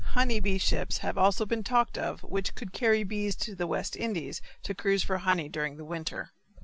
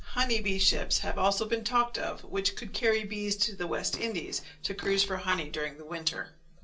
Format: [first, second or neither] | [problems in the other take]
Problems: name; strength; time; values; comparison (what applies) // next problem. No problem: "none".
first | background sound (Fart); 20 dB below the speech // room echo; dies away in 0.2 s